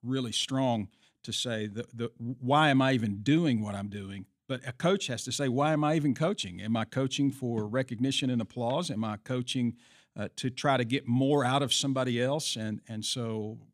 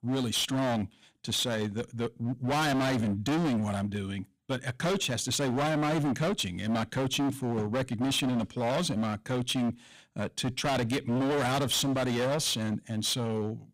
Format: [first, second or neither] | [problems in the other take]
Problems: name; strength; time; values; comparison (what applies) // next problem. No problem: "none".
first | distortion; heavy; 26% of the sound clipped